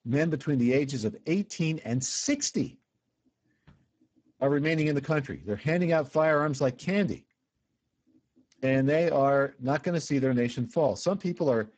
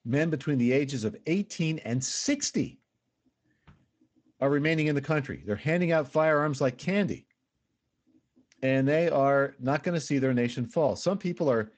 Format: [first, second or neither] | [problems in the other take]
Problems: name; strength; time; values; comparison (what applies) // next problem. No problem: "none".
second | garbled, watery; badly; nothing above 7.5 kHz; slightly in the second